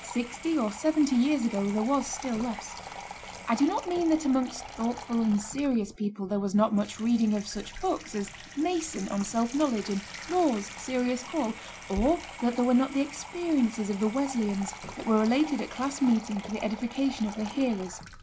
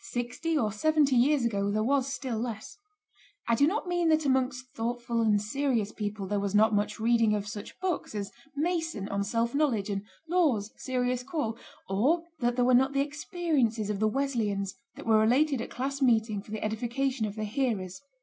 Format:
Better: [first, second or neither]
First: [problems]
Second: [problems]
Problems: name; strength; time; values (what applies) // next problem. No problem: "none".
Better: second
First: background sound (Sink (filling or washing) / Water tap, faucet); 14 dB below the speech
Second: none